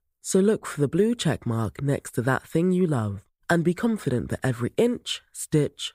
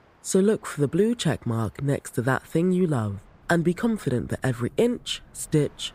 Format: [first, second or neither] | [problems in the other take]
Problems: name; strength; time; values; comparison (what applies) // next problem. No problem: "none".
first | train or aircraft noise; faint; throughout; 30 dB below the speech